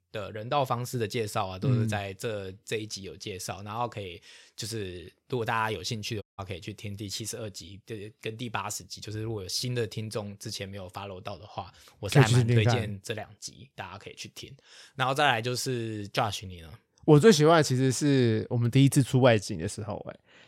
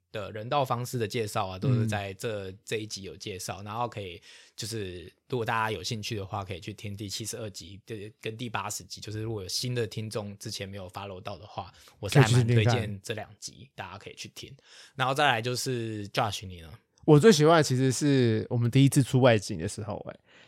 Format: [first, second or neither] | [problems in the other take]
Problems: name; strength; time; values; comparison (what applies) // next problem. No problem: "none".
second | audio cutting out; at 6 s